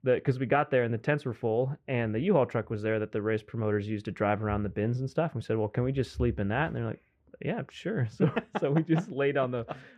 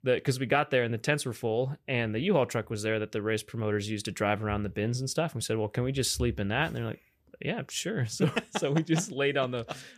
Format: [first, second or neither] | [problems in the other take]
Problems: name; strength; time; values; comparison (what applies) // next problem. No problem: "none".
second | muffled; very; fading above 3.5 kHz